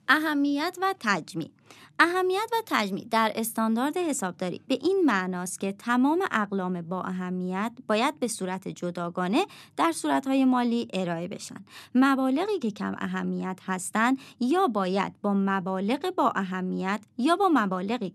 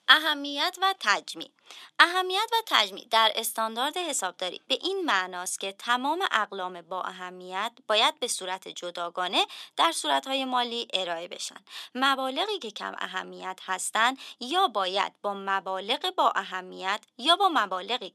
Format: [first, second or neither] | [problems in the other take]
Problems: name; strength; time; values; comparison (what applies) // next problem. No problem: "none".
first | thin; very; fading below 600 Hz